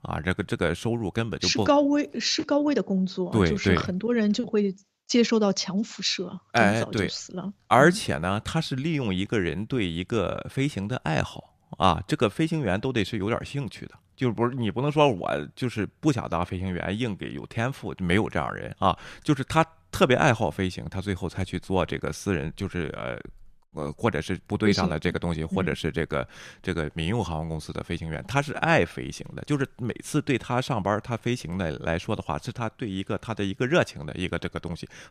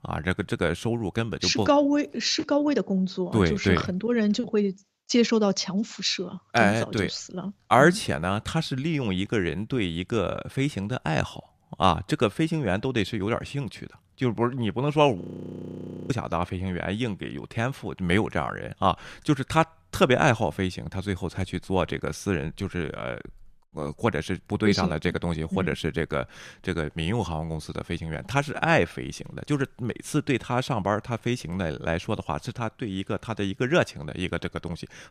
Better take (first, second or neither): first